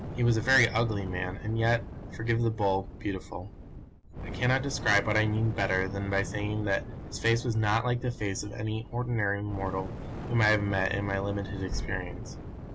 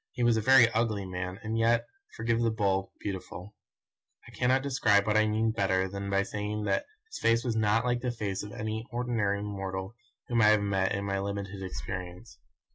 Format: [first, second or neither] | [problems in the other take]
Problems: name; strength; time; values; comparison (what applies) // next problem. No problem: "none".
second | background sound (Fire); 9 dB below the speech